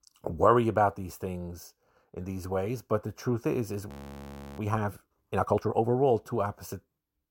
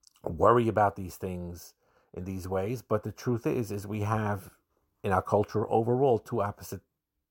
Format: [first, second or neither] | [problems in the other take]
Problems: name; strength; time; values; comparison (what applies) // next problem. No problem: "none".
second | audio freezing; at 4 s for 0.5 s